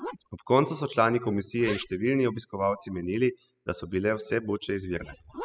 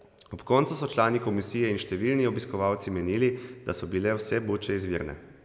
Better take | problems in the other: second | noise reduction (classical method spectral subtraction)

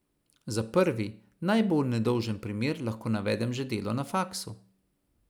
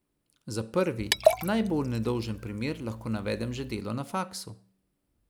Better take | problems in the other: first | background sound (Liquid); as loud as the speech

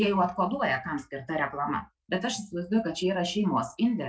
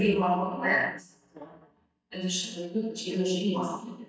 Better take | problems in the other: first | noise reduction (neural mask model DeepFilterNet 3)

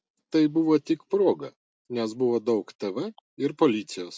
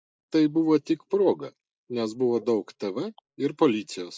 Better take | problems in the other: first | noise reduction (neural mask model Resemble Enhance denoiser)

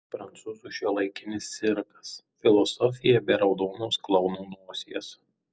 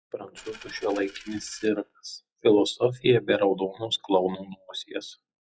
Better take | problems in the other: first | noise reduction (classical method log-MMSE)

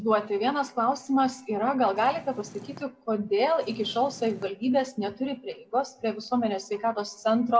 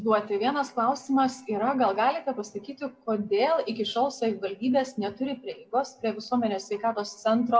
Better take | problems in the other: second | background sound (Purr); 19 dB below the speech

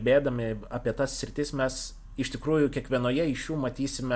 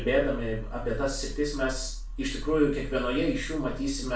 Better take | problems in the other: first | room echo; dies away in 0.3 s

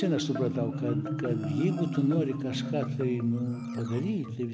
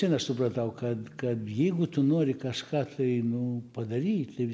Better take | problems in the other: second | background sound (Marimba, xylophone); 2 dB below the speech

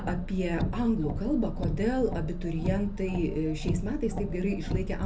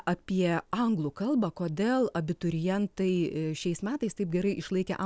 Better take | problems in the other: second | background sound (Car); 2 dB below the speech // room echo; dies away in 0.3 s

